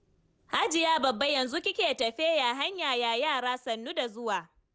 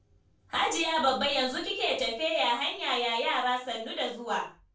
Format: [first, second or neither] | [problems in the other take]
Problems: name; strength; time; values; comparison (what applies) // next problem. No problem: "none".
first | room echo; dies away in 0.3 s